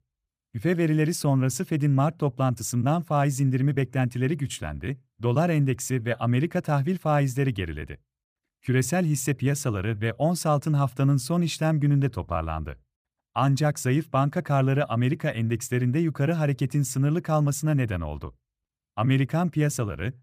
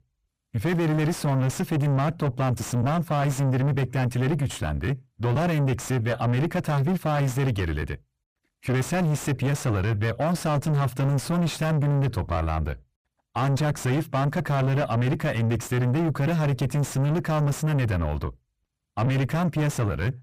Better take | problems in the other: first | distortion; heavy; 7 dB below the speech

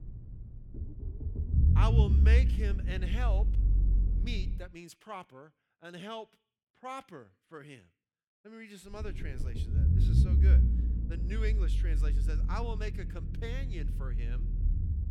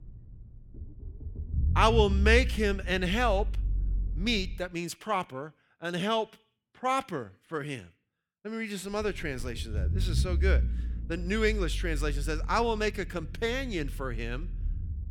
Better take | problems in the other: second | low rumble; loud; until 4.5 s and from 9 s on; 4 dB below the speech; faint in the second

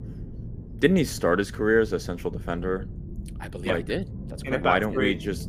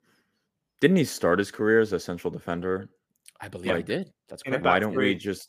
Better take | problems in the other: second | low rumble; faint; throughout; 25 dB below the speech

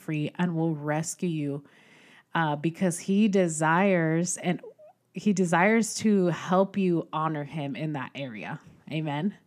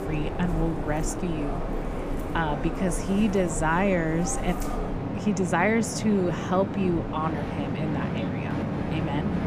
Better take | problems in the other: first | train or aircraft noise; loud; throughout; 4 dB below the speech

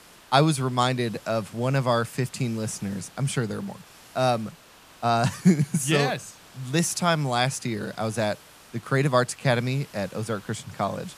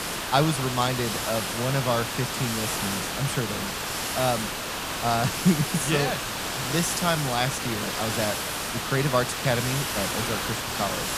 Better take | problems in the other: first | hiss; loud; throughout; 1 dB below the speech; faint in the first

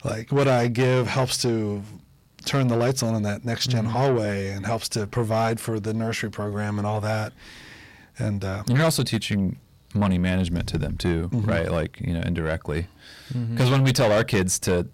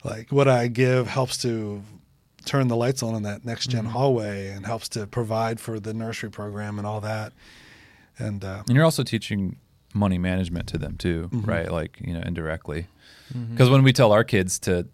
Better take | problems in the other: second | distortion; heavy; 7 dB below the speech

